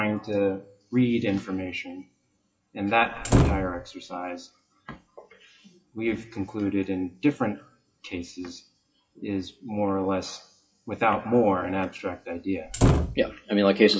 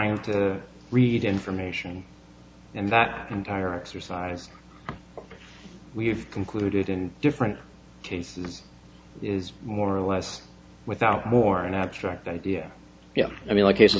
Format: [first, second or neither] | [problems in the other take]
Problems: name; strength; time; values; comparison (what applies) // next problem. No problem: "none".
second | noise reduction (classical method WPE with log-MMSE)